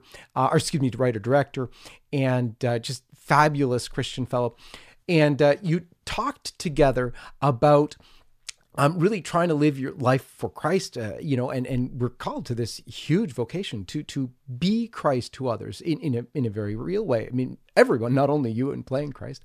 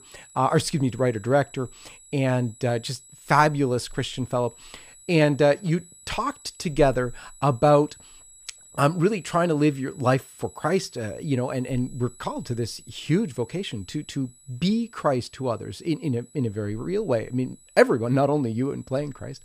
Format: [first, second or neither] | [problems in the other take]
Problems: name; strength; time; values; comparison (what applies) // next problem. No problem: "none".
first | high-pitched whine; faint; throughout; 8 kHz, 25 dB below the speech